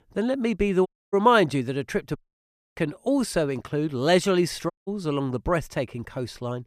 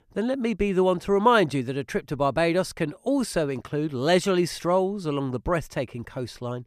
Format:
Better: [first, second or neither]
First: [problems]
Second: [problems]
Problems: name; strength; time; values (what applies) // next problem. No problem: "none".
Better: second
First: audio cutting out; at 1 s, at 2 s for 0.5 s and at 4.5 s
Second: none